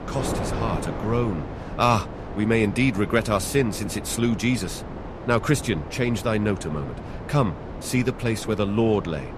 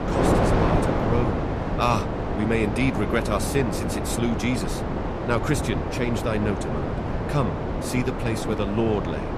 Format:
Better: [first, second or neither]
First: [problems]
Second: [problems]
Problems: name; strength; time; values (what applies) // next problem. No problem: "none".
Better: first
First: wind noise on the microphone; occasional gusts; 10 dB below the speech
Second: wind noise on the microphone; heavy; as loud as the speech